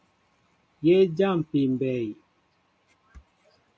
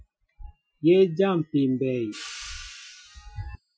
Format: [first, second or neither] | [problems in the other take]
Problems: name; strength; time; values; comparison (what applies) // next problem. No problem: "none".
first | noise reduction (classical method Wiener filter)